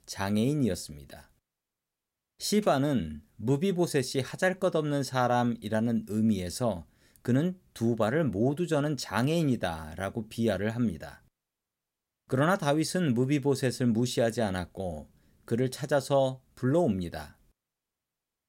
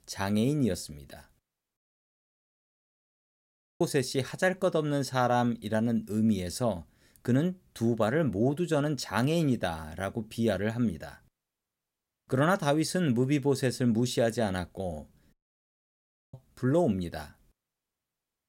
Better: first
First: none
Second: audio cutting out; at 2 s for 2 s and at 15 s for 1 s

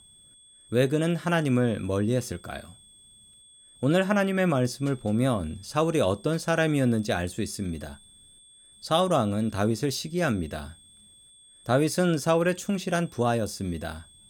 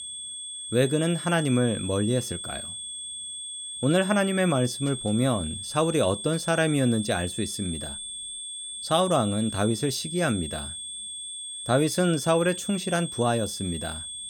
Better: first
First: high-pitched whine; faint; throughout; 3.5 kHz, 25 dB below the speech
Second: high-pitched whine; loud; throughout; 3.5 kHz, 8 dB below the speech

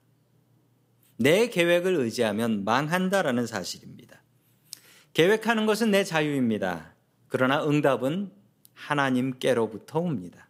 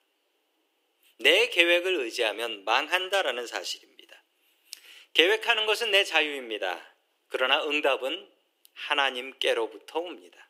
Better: first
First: none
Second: thin; very; fading below 350 Hz

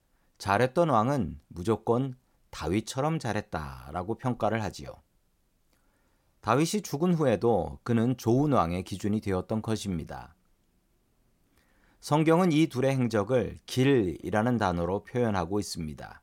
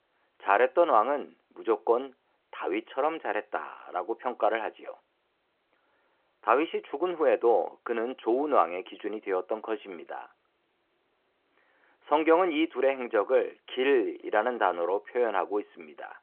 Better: first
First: none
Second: phone-call audio

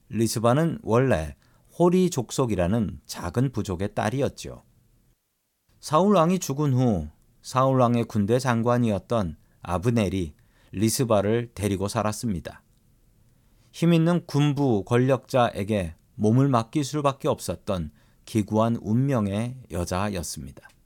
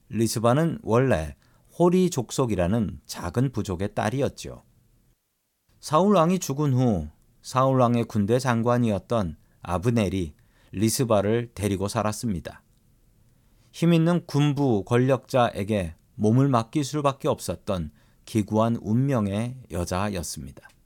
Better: neither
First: none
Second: none

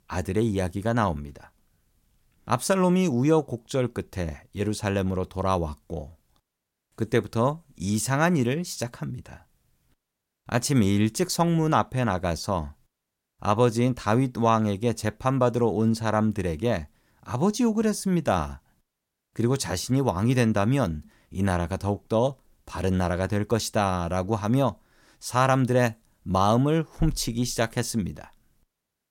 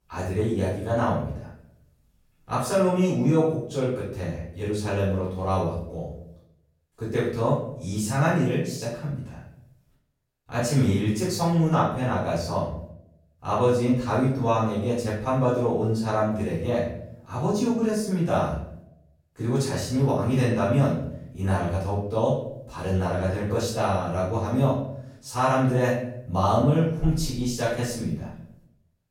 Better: first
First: none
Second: off-mic speech; far // room echo; noticeable; dies away in 0.6 s

